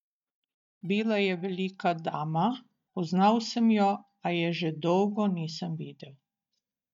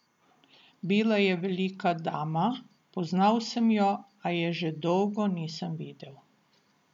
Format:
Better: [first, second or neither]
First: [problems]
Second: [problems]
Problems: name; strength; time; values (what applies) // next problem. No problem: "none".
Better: second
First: noise reduction (neural mask model DeepFilterNet 3)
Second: none